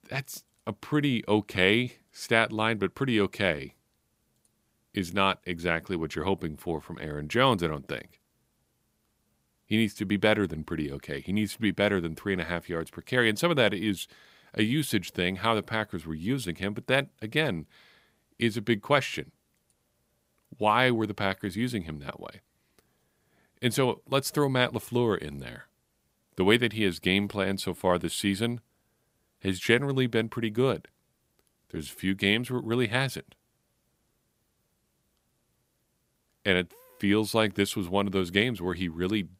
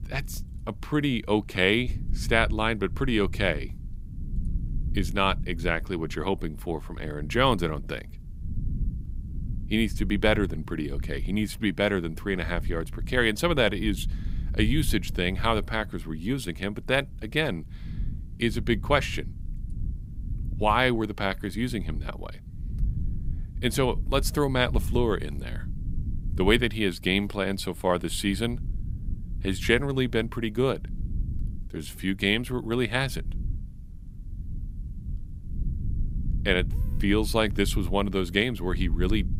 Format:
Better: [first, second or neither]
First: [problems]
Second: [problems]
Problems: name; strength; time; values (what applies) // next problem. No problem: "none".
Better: first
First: none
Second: low rumble; faint; throughout; 25 dB below the speech